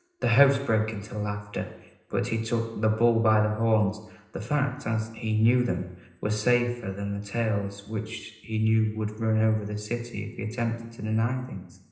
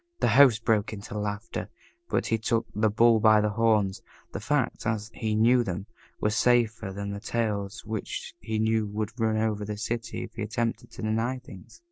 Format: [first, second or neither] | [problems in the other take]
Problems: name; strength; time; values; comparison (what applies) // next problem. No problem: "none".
second | room echo; dies away in 0.9 s